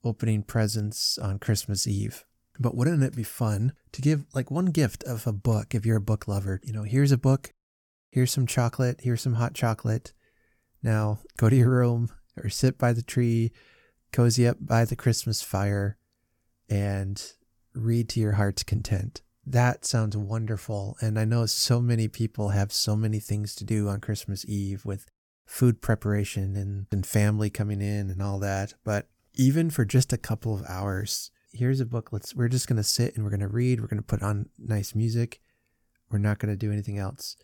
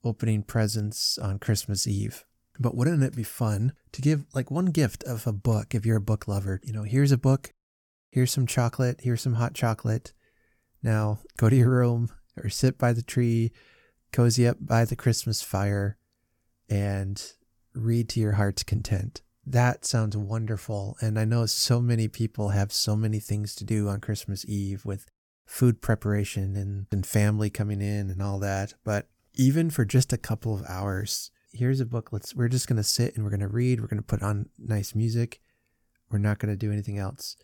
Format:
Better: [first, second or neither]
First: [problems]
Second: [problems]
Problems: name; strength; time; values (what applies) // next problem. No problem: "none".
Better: neither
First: none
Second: none